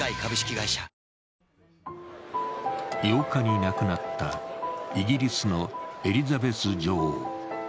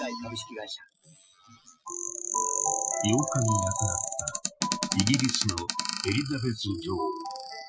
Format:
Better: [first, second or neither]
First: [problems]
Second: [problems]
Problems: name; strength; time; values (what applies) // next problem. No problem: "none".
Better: first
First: none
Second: noise reduction (classical method Wiener filter)